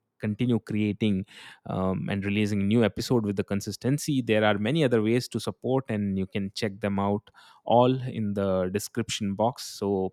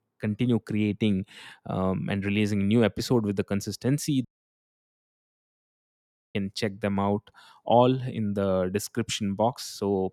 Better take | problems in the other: first | audio cutting out; at 4.5 s for 2 s

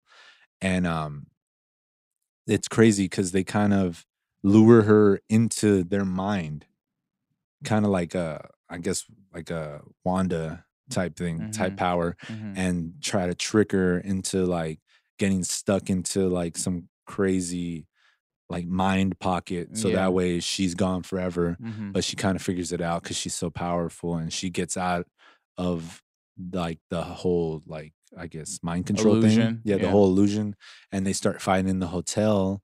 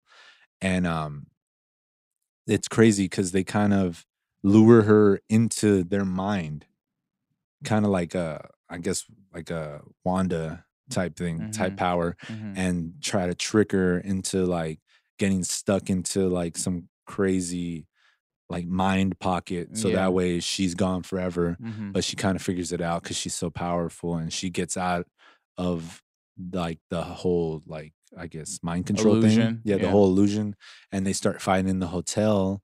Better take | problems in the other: neither | none

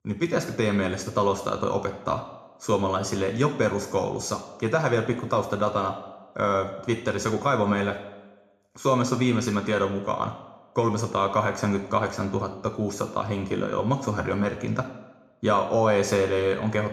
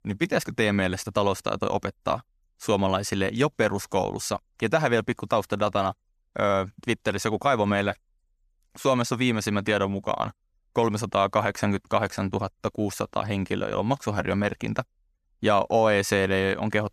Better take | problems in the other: second | room echo; slight; dies away in 0.7 s // off-mic speech; somewhat distant

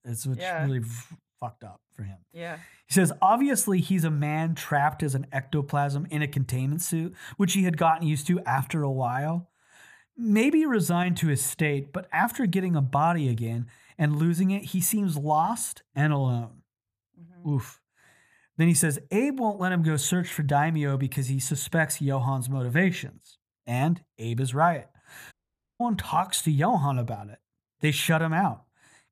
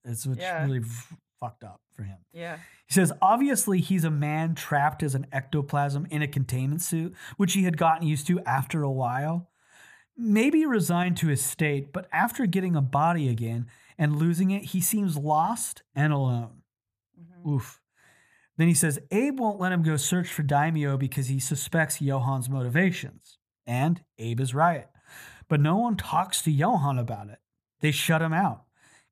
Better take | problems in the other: second | audio cutting out; at 25 s

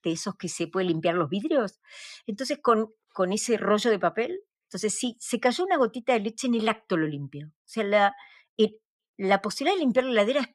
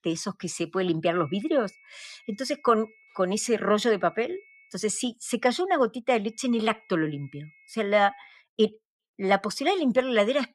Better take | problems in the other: first | high-pitched whine; faint; from 1 to 4.5 s and from 6.5 to 8.5 s; 2 kHz, 30 dB below the speech

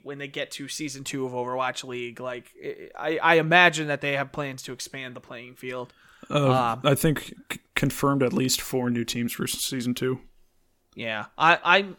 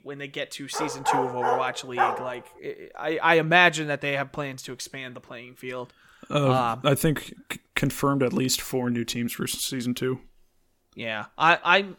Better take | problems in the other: first | dog barking; noticeable; from 1 to 2.5 s; peak level with the speech

